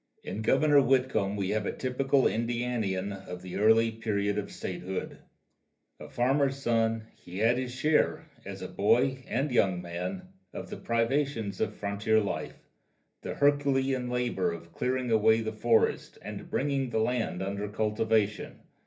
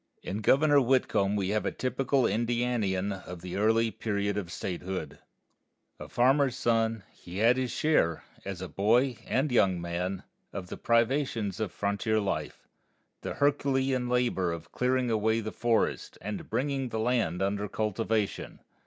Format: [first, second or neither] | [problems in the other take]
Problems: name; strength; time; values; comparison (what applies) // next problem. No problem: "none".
second | room echo; dies away in 0.3 s